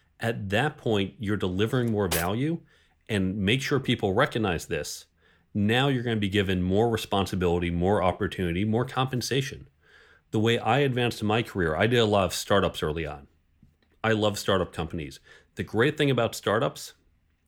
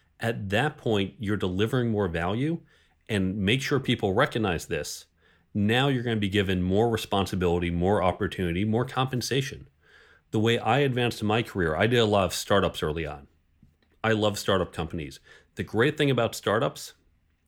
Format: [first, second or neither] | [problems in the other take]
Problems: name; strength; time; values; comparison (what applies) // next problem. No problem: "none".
second | clattering dishes; noticeable; at 2 s; peak 5 dB below the speech